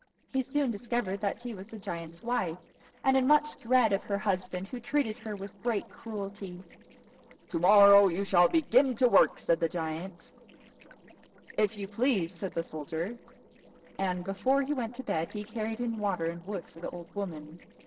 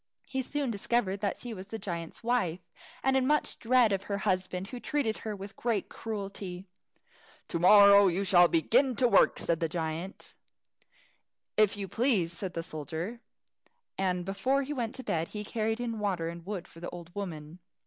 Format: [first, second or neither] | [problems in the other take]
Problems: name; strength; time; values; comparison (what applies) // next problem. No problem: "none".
second | noise reduction (neural separator model SepFormer DNS4)